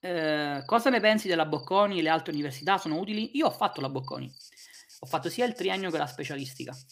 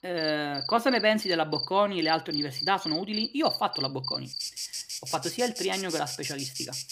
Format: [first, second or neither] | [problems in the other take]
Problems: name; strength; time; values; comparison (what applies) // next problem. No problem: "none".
first | animal sounds; loud; throughout; 4 dB below the speech; faint in the first